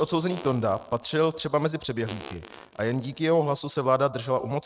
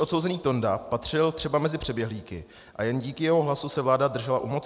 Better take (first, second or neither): second